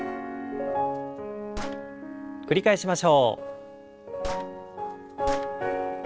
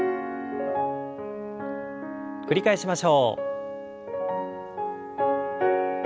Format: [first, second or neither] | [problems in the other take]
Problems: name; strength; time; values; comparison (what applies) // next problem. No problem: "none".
second | noise reduction (neural separator model SepFormer DNS4)